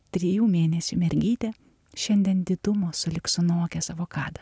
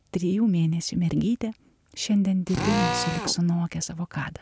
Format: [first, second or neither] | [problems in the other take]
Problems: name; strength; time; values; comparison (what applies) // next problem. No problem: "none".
first | background sound (Drill); 4 dB below the speech